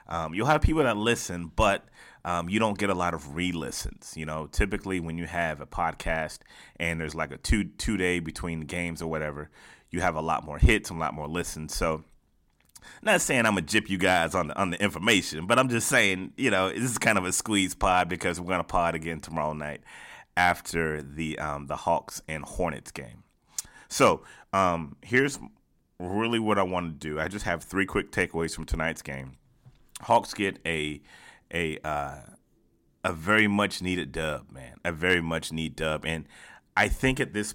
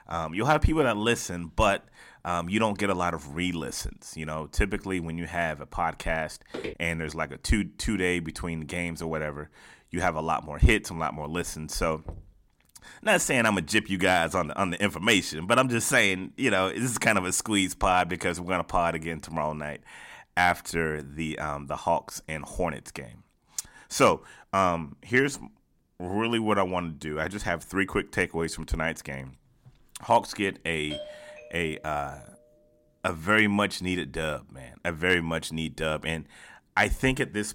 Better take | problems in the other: first | footsteps; faint; at 6.5 s; peak 10 dB below the speech // door banging; faint; at 12 s; peak 20 dB below the speech // doorbell; faint; from 31 to 32 s; peak 10 dB below the speech

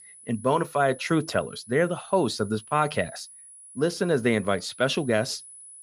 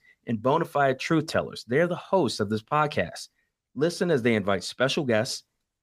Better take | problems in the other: second | high-pitched whine; noticeable; throughout; 10 kHz, 20 dB below the speech

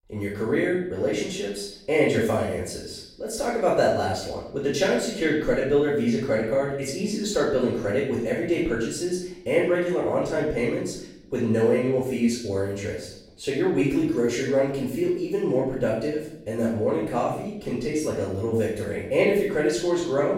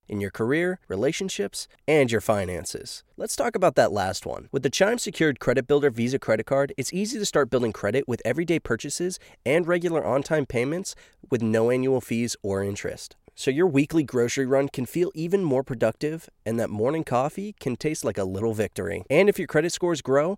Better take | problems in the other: second | off-mic speech; far // room echo; noticeable; dies away in 0.7 s

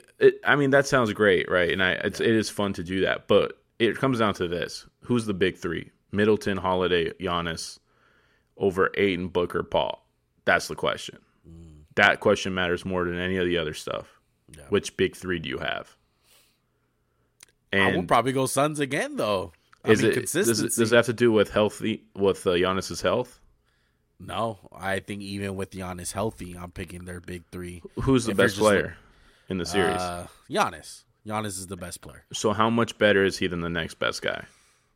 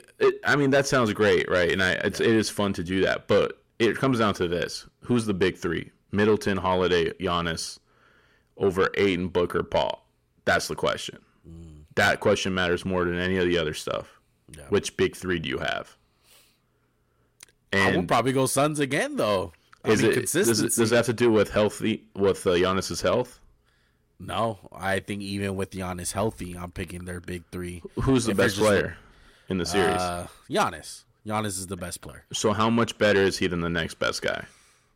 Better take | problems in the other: first | distortion; slight; 10 dB below the speech

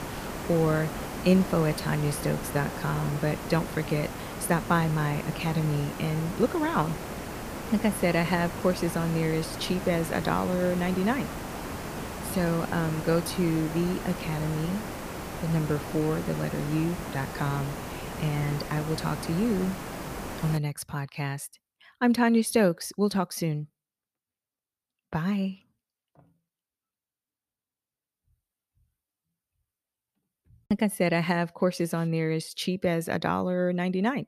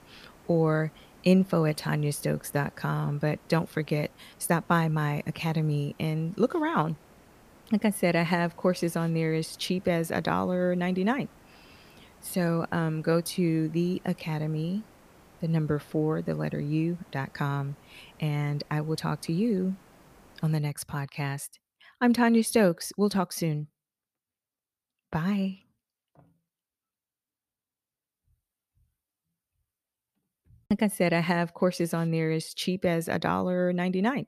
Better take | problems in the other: second | hiss; loud; until 21 s; 8 dB below the speech; faint in the second

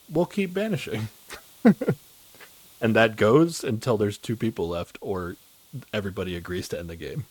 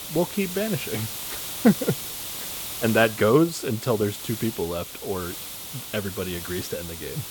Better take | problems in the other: first | hiss; loud; throughout; 7 dB below the speech; faint in the first

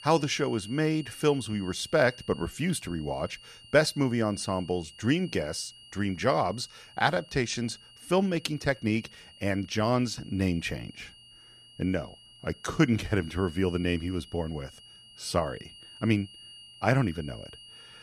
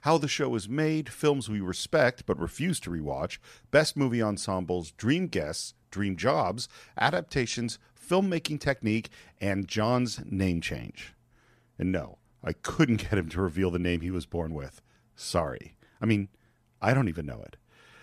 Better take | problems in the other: second | high-pitched whine; noticeable; throughout; 3 kHz, 20 dB below the speech

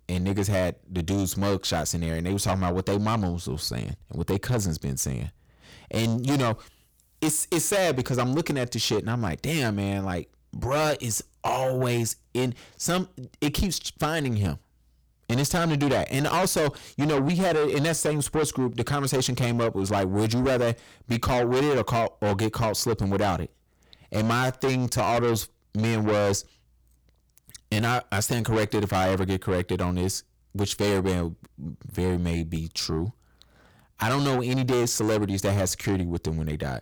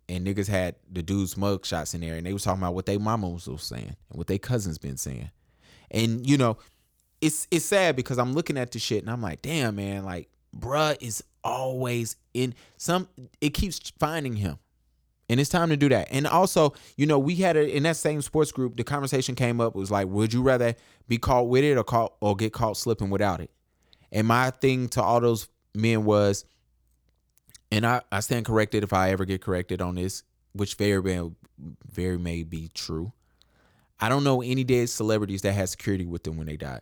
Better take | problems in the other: second | distortion; heavy; 6 dB below the speech

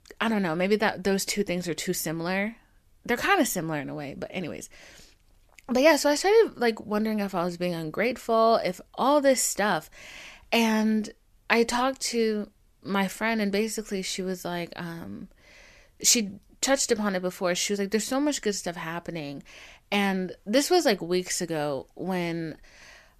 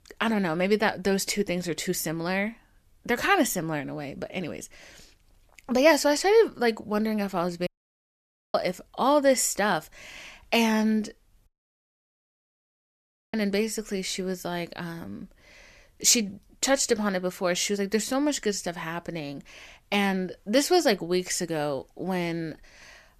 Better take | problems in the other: first | audio cutting out; at 7.5 s for 1 s and at 11 s for 2 s

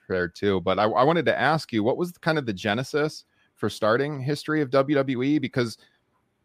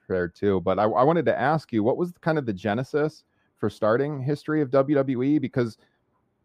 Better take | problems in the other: first | muffled; slightly; fading above 1.5 kHz

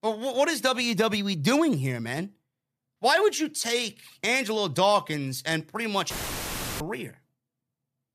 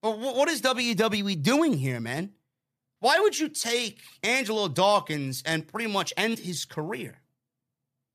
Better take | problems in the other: second | audio cutting out; filled with static; at 6 s for 0.5 s

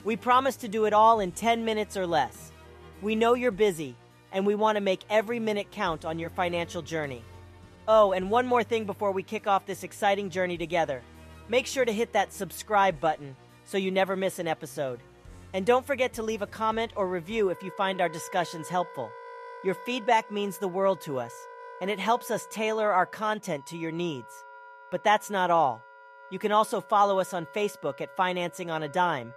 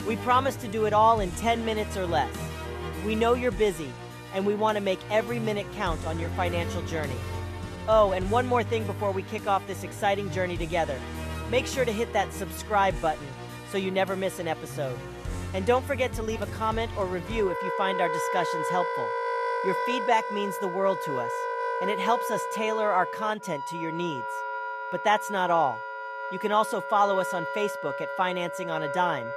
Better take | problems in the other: first | background music; loud; throughout; 6 dB below the speech; faint in the first

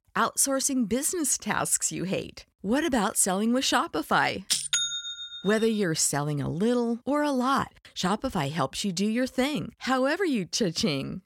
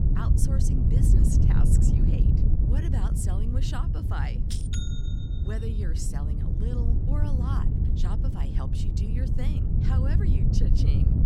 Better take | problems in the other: first | wind noise on the microphone; heavy; 2 dB above the speech

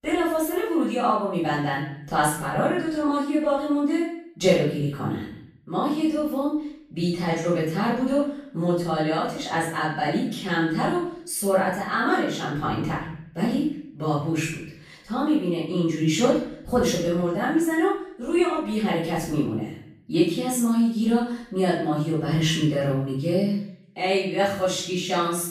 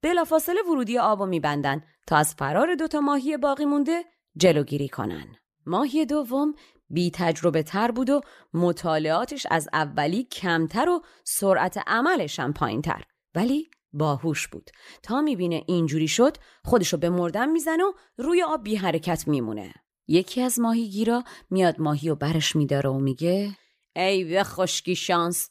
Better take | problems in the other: second | off-mic speech; far // room echo; noticeable; dies away in 0.6 s

